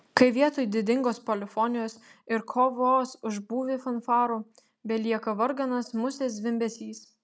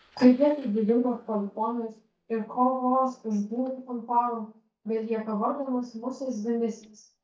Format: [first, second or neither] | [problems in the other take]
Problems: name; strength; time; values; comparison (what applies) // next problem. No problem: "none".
first | noise reduction (neural mask model DeepFilterNet 3)